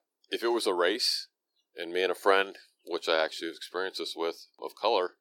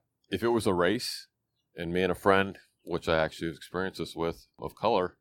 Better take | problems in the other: second | thin; somewhat; fading below 350 Hz

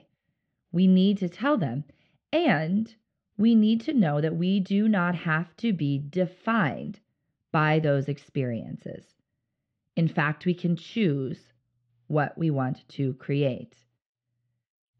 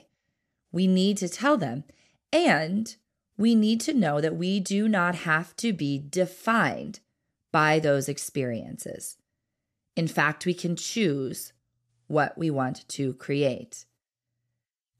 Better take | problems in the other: second | muffled; slightly; fading above 3.5 kHz

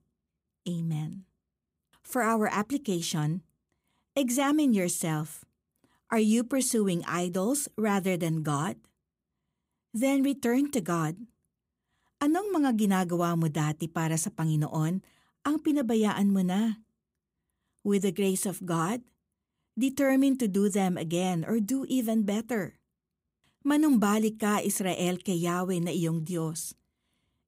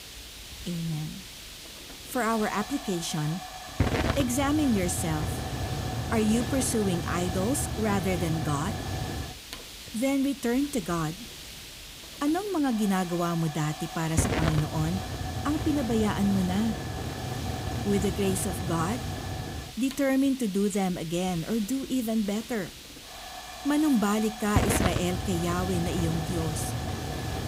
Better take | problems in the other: first | hiss; loud; throughout; 5 dB below the speech

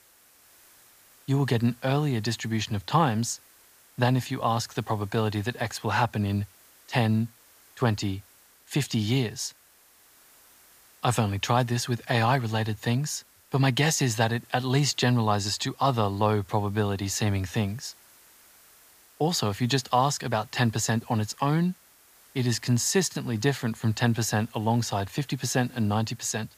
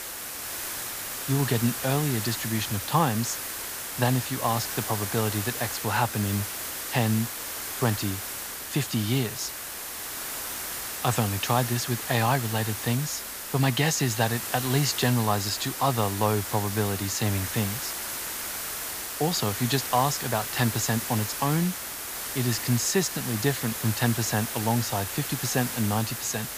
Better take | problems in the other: first | hiss; loud; throughout; 4 dB below the speech; faint in the first

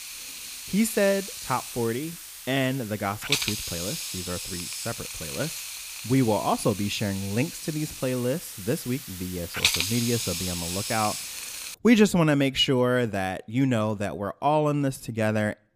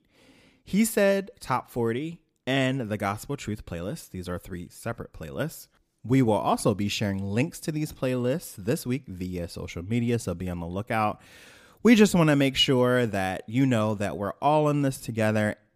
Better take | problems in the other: second | hiss; loud; until 12 s; 5 dB below the speech

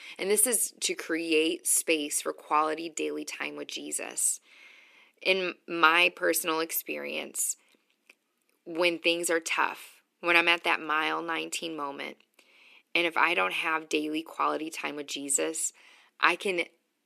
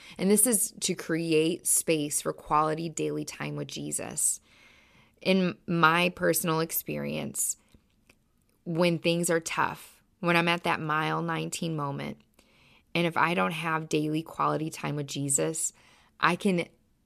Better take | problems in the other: second | thin; somewhat; fading below 300 Hz

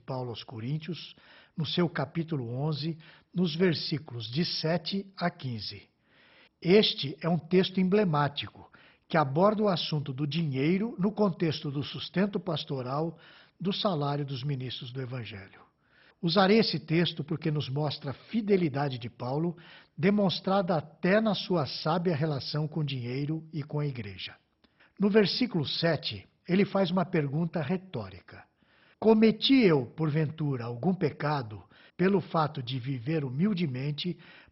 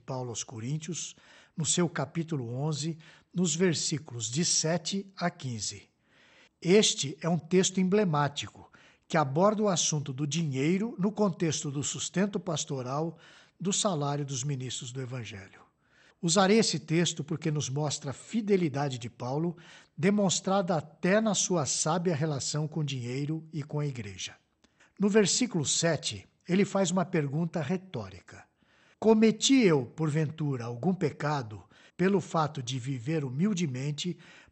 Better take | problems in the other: second | garbled, watery; badly; nothing above 5.5 kHz; slightly in the second

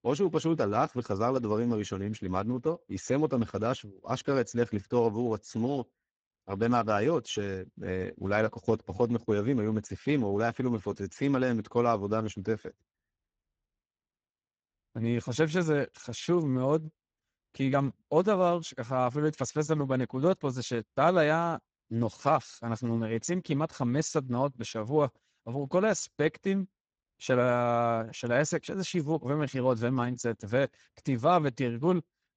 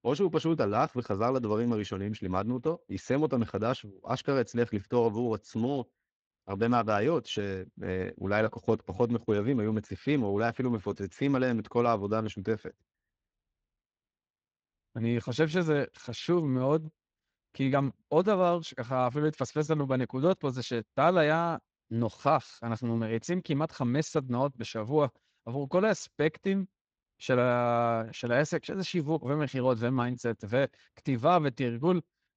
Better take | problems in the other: second | garbled, watery; badly; nothing above 7.5 kHz; slightly in the second

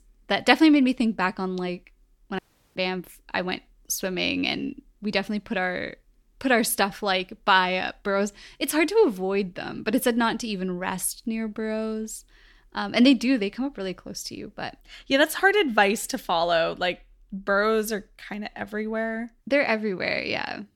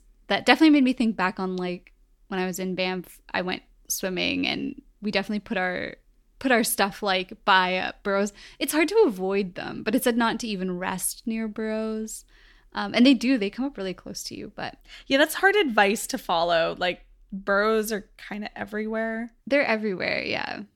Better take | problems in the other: second | audio cutting out; at 2.5 s

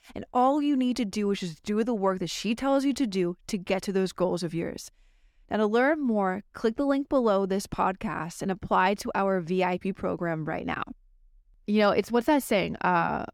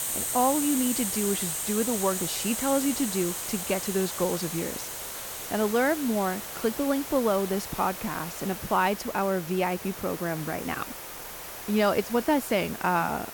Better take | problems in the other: first | hiss; loud; throughout; 4 dB below the speech

